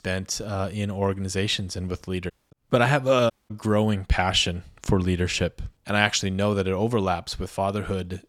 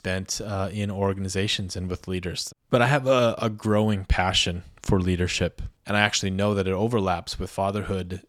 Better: second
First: audio cutting out; at 2.5 s and at 3.5 s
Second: none

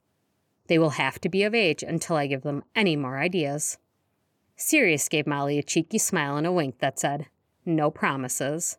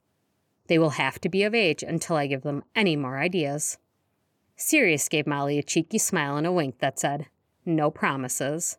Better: neither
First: none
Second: none

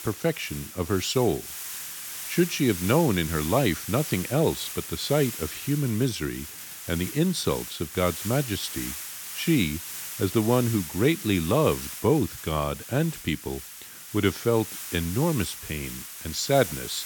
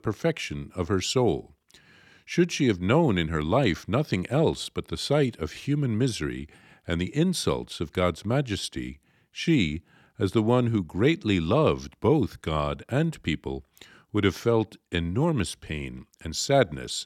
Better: second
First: hiss; loud; throughout; 9 dB below the speech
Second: none

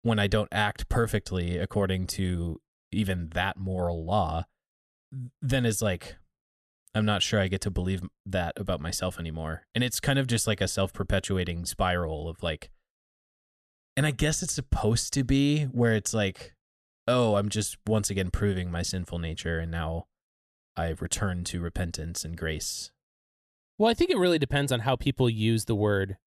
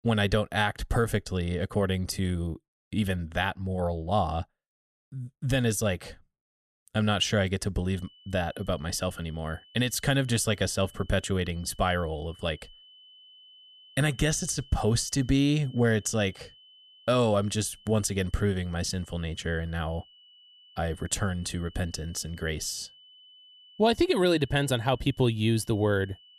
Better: first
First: none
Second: high-pitched whine; faint; from 8 s on; 3 kHz, 25 dB below the speech

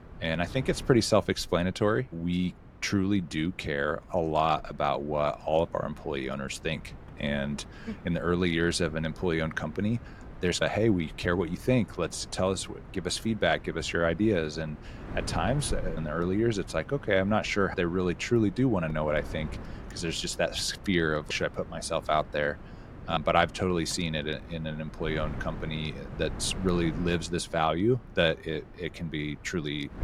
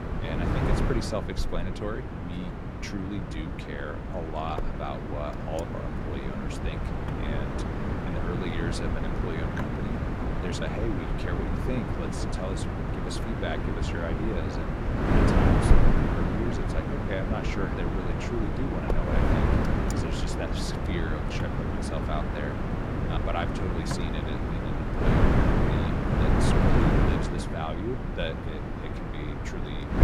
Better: first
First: wind noise on the microphone; occasional gusts; 20 dB below the speech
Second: wind noise on the microphone; heavy; 4 dB above the speech

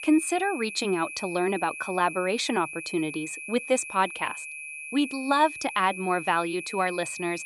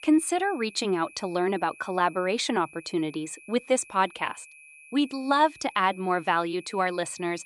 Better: second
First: high-pitched whine; loud; throughout; 2.5 kHz, 9 dB below the speech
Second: high-pitched whine; faint; throughout; 2.5 kHz, 20 dB below the speech

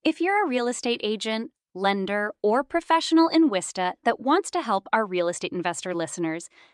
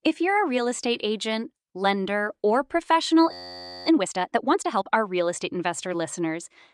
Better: first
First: none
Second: audio freezing; at 3.5 s for 0.5 s

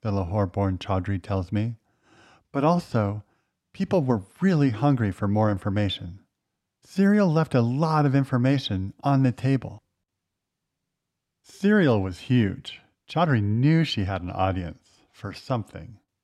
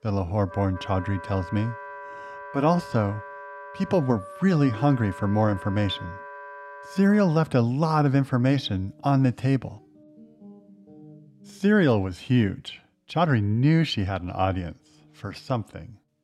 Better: first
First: none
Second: background music; noticeable; throughout; 15 dB below the speech

